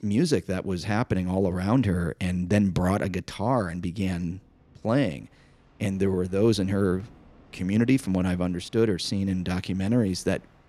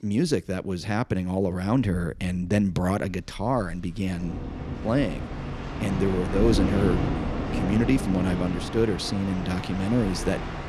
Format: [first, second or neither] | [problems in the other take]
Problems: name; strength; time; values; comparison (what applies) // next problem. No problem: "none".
first | rain or running water; loud; throughout; 4 dB below the speech; faint in the first